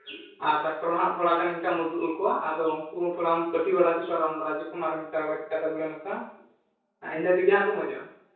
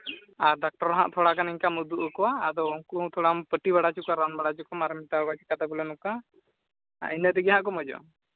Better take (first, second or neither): second